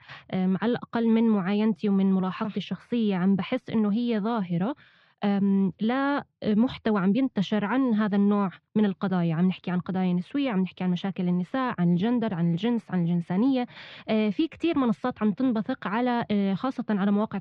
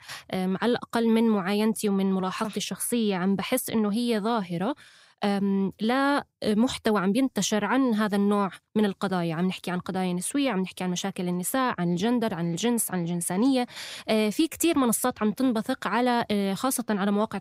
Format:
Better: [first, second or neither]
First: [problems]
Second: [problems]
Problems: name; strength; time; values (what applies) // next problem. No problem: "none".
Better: second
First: muffled; slightly; fading above 3.5 kHz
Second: none